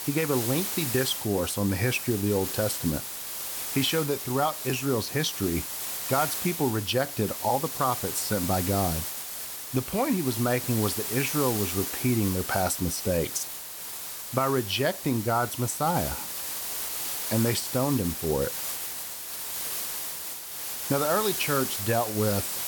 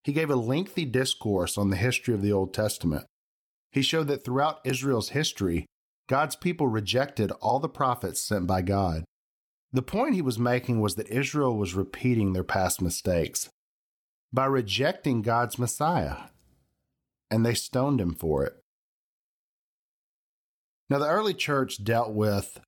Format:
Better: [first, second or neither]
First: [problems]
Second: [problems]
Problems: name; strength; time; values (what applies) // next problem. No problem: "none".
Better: second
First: hiss; loud; throughout; 3 dB below the speech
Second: none